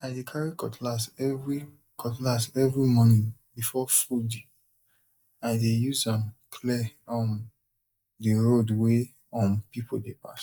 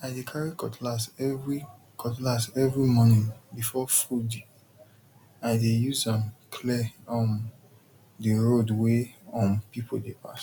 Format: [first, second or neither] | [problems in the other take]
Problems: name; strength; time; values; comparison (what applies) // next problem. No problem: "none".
second | noise reduction (neural mask model DeepFilterNet 3)